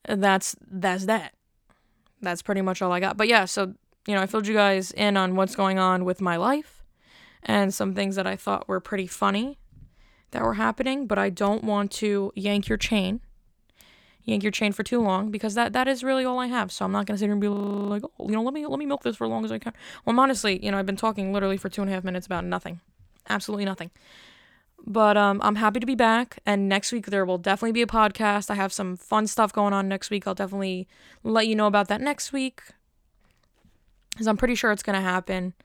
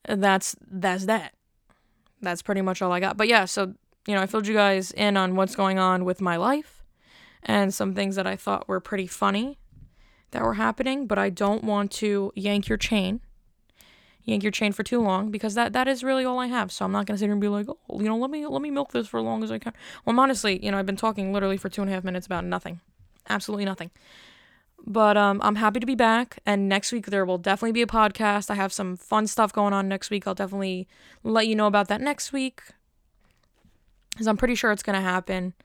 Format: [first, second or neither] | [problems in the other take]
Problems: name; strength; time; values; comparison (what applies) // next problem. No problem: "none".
second | audio freezing; at 18 s